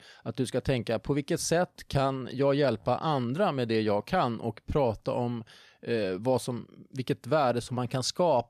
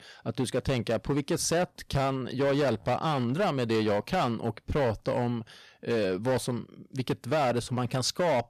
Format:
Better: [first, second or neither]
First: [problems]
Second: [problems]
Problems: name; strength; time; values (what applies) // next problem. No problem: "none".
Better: first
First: none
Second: distortion; slight; 12% of the sound clipped